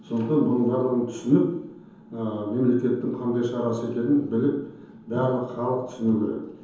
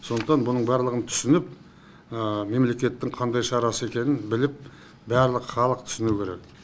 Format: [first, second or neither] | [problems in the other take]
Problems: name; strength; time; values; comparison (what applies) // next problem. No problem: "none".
second | room echo; dies away in 0.9 s